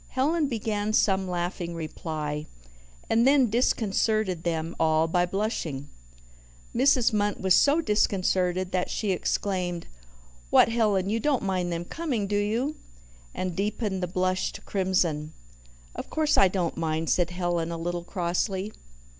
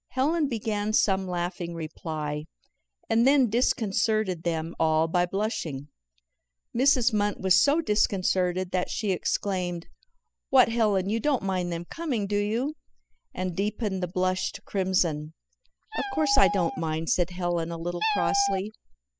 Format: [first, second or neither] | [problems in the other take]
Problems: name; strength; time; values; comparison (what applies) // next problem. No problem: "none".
first | noise reduction (classical method spectral subtraction)